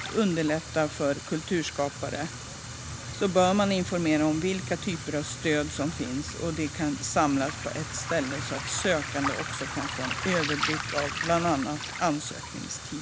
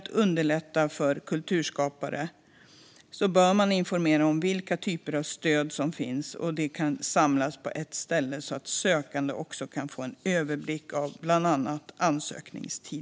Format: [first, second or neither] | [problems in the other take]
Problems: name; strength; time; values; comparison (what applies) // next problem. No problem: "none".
second | background sound (Fire + Waves, surf); 7 dB below the speech